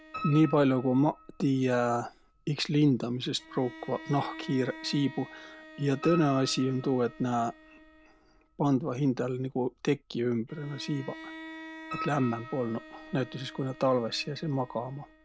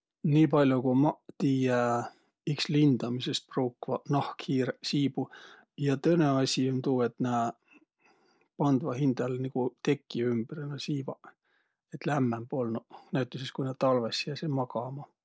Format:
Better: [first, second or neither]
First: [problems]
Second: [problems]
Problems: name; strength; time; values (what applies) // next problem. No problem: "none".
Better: second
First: background sound (Piano + Bowed string instrument); 16 dB below the speech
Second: none